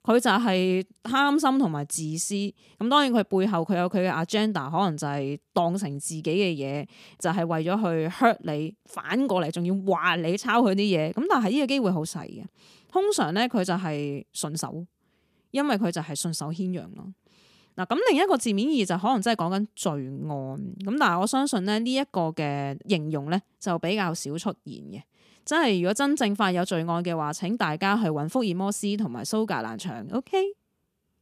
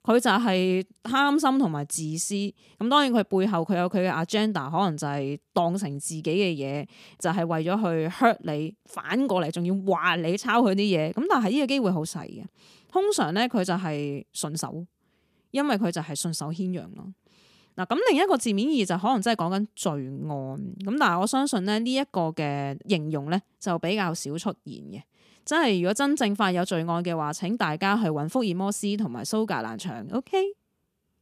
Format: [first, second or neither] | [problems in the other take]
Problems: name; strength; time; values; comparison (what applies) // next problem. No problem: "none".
neither | none